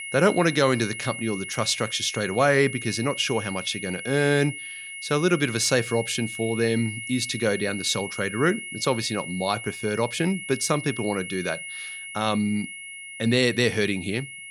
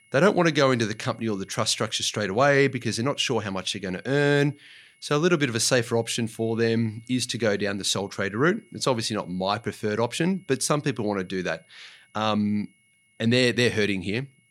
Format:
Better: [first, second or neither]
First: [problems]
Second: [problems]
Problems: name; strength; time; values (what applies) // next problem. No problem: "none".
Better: second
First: high-pitched whine; loud; throughout; 2 kHz, 9 dB below the speech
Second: high-pitched whine; faint; throughout; 2 kHz, 35 dB below the speech